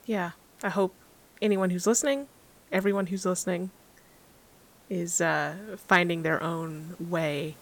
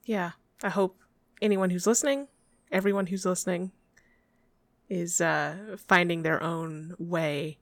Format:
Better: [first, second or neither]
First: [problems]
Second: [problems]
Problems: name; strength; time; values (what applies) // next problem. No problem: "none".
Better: second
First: hiss; faint; throughout; 25 dB below the speech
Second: none